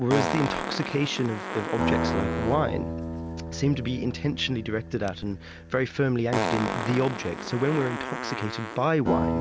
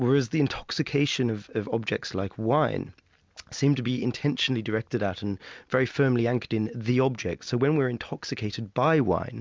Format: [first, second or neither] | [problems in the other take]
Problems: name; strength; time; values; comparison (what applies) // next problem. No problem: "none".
second | background sound (Acoustic guitar + Fart); 3 dB below the speech